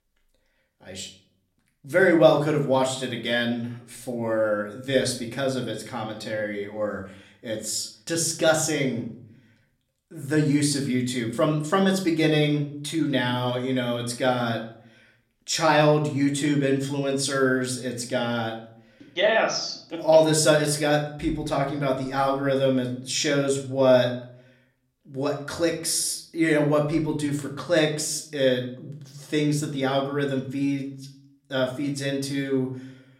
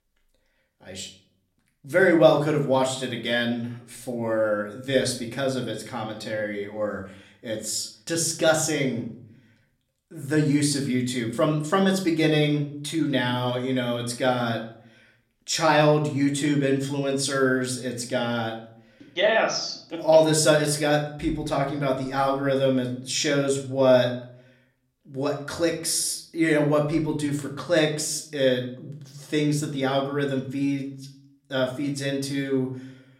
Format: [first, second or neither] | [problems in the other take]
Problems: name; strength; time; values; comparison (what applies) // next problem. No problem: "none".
neither | room echo; slight; dies away in 0.5 s; the same in both // off-mic speech; somewhat distant; the same in both